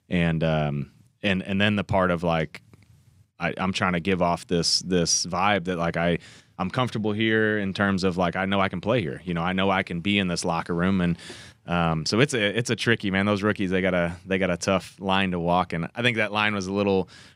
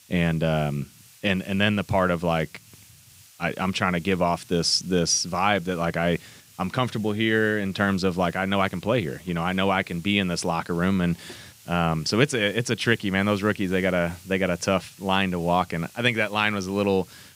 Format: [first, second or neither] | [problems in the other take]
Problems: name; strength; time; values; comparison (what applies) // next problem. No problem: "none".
first | hiss; faint; throughout; 25 dB below the speech